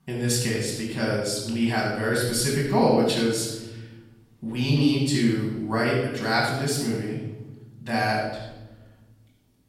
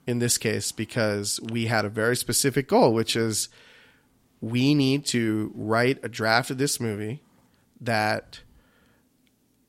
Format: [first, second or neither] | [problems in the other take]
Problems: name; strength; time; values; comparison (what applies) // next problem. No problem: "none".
second | off-mic speech; far // room echo; noticeable; dies away in 1 s